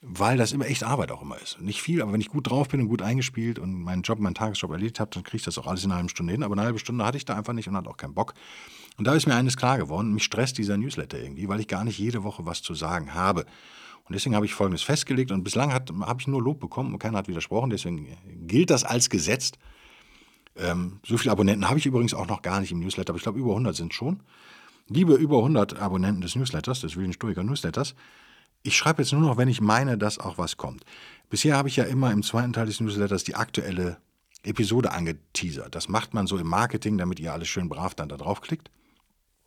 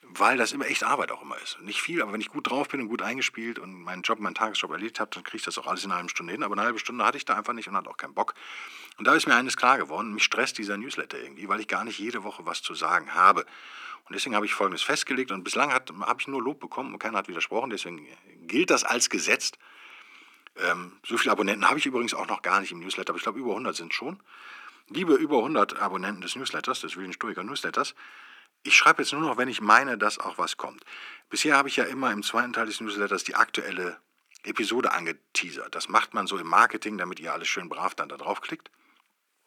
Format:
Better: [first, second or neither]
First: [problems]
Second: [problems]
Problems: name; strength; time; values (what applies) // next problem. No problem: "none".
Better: first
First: none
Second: thin; very; fading below 250 Hz